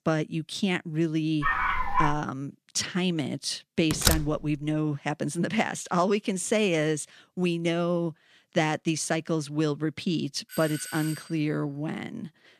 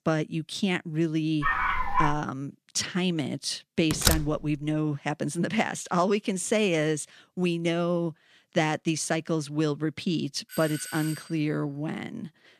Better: neither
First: dog barking; loud; at 1.5 s; peak 3 dB above the speech // door banging; loud; at 4 s; peak 4 dB above the speech // doorbell; noticeable; at 10 s; peak 9 dB below the speech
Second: dog barking; loud; at 1.5 s; peak 3 dB above the speech // door banging; loud; at 4 s; peak 4 dB above the speech // doorbell; noticeable; at 10 s; peak 9 dB below the speech

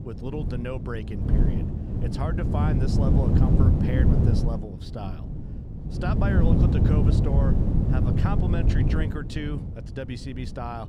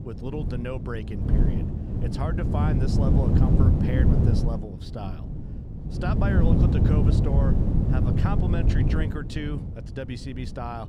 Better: neither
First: wind noise on the microphone; heavy; 2 dB above the speech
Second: wind noise on the microphone; heavy; 2 dB above the speech

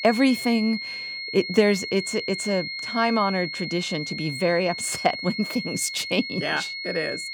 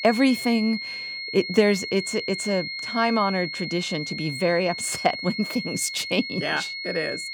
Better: neither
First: high-pitched whine; loud; throughout; 2 kHz, 6 dB below the speech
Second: high-pitched whine; loud; throughout; 2 kHz, 6 dB below the speech

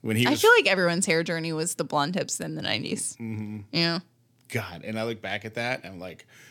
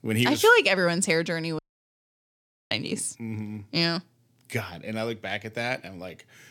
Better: first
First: none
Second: audio cutting out; at 1.5 s for 1 s

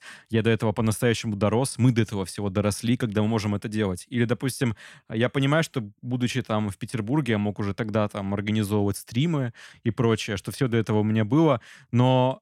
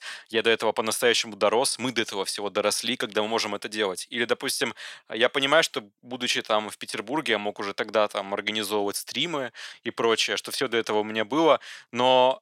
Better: first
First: none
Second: thin; very; fading below 550 Hz

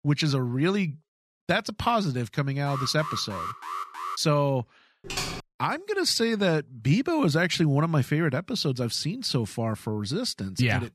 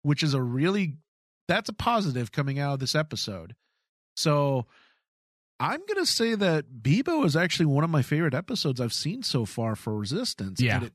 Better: second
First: alarm; noticeable; from 2.5 to 4 s; peak 7 dB below the speech // keyboard typing; noticeable; at 5 s; peak 5 dB below the speech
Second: none

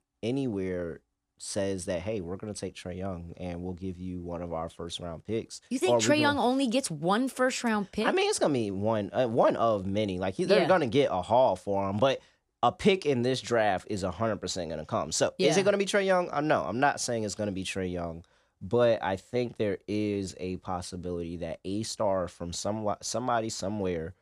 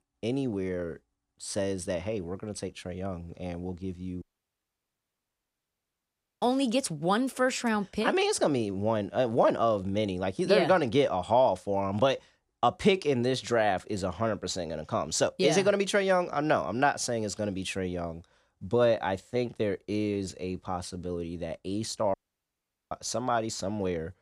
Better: first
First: none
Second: audio cutting out; at 4 s for 2 s and at 22 s for 1 s

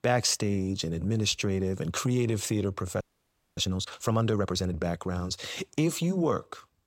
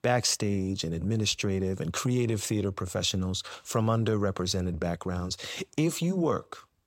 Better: second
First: audio freezing; at 3 s for 0.5 s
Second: none

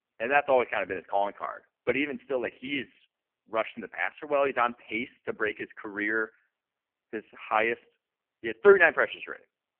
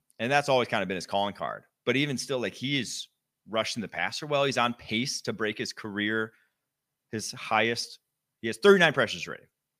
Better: second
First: phone-call audio; poor line; nothing above 3 kHz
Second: none

